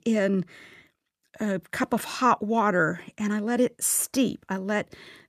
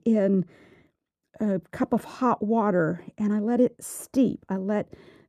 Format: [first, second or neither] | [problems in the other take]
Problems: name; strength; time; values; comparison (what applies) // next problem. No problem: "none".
first | muffled; slightly; fading above 1 kHz